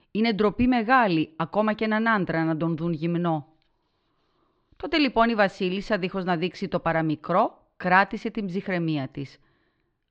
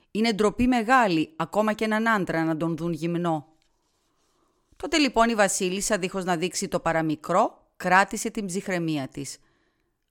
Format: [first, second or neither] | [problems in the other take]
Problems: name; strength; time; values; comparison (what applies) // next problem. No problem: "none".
second | muffled; slightly; fading above 4 kHz